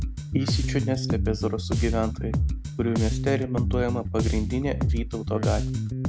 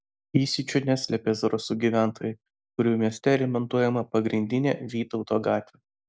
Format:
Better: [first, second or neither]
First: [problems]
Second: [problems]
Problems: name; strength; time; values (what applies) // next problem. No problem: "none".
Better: second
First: background sound (Bass guitar); 2 dB above the speech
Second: none